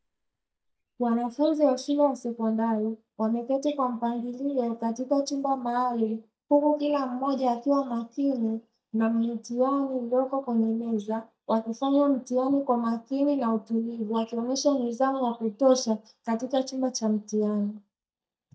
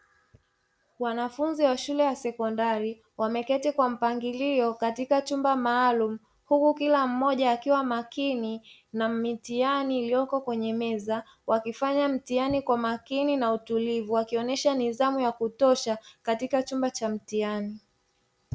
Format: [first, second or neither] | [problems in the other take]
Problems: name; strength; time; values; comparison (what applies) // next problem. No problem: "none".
second | noise reduction (neural mask model DeepFilterNet 3)